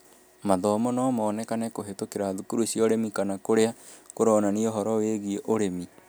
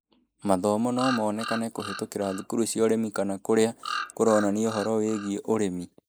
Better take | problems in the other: first | noise reduction (neural mask model Resemble Enhance denoiser)

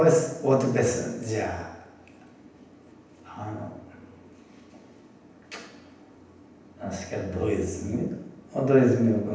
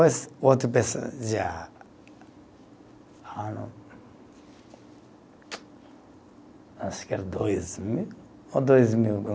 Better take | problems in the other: second | room echo; dies away in 0.9 s

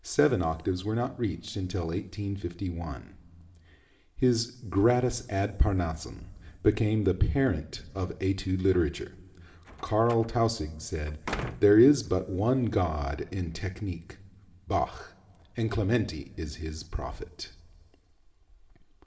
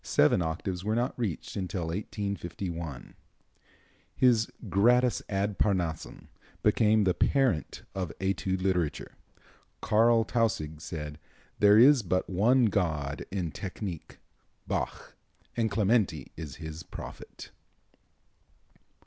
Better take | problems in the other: second | background sound (Slam); 13 dB below the speech // room echo; dies away in 1.3 s

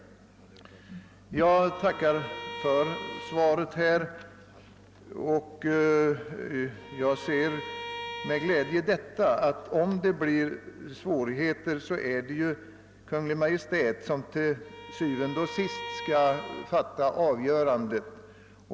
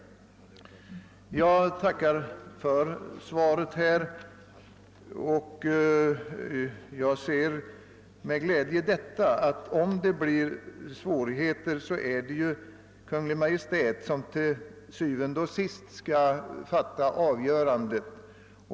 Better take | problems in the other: second | background sound (Bowed string instrument); 12 dB below the speech

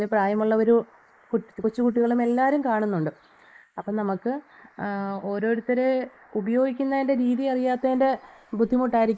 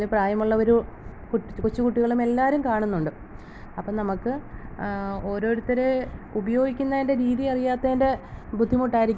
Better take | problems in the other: second | noise reduction (neural mask model Resemble Enhance denoiser)

